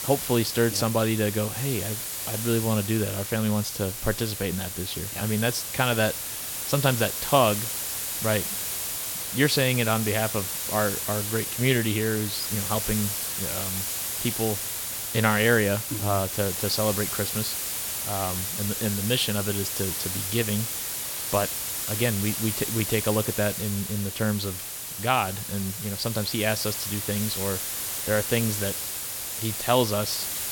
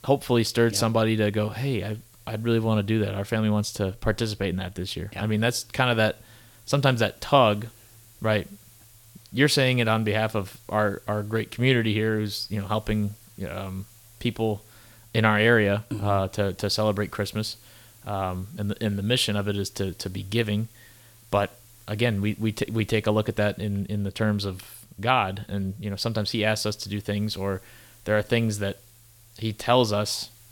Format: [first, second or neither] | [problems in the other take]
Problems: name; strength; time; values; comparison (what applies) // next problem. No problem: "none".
second | hiss; loud; throughout; 2 dB below the speech; faint in the second